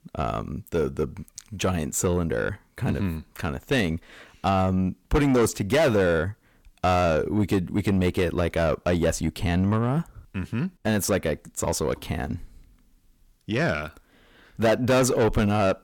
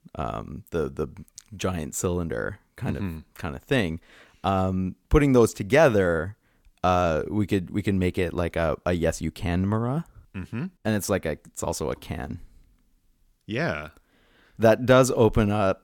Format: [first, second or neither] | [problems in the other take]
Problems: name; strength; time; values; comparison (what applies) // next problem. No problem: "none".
second | distortion; heavy; 8 dB below the speech